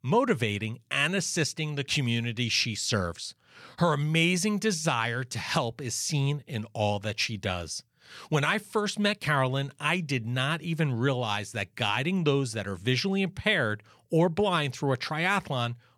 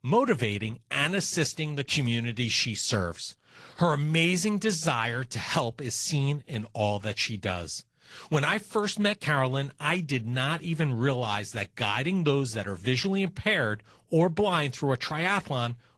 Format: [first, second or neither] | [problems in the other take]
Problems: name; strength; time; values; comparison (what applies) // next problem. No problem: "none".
first | garbled, watery; slightly; nothing above 15.5 kHz